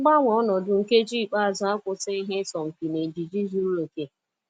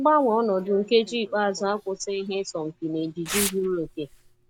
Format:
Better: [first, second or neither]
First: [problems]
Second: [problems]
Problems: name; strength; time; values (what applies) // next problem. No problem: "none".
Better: first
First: none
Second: background sound (Tearing); 13 dB below the speech